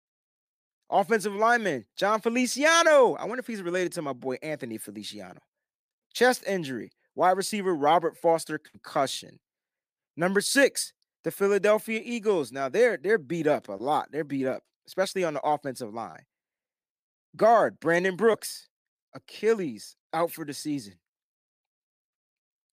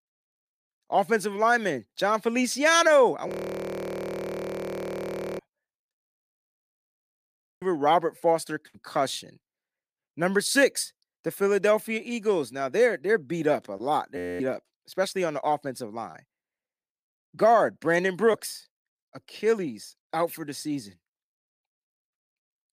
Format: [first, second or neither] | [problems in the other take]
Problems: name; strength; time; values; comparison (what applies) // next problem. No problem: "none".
first | audio freezing; at 3.5 s for 2 s, at 6 s for 1.5 s and at 14 s